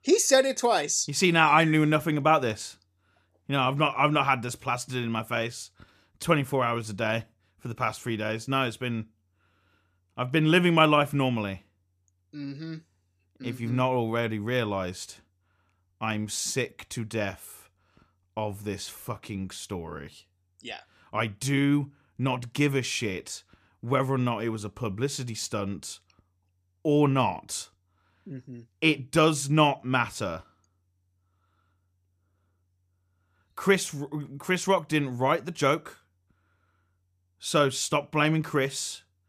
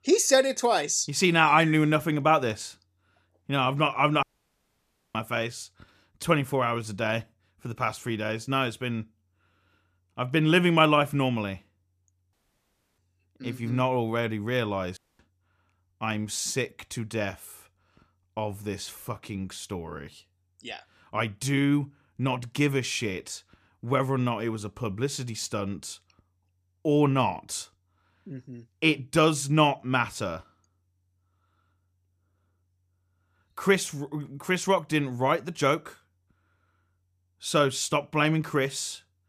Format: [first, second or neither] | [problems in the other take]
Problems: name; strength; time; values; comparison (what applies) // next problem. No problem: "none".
first | audio cutting out; at 4 s for 1 s, at 12 s for 0.5 s and at 15 s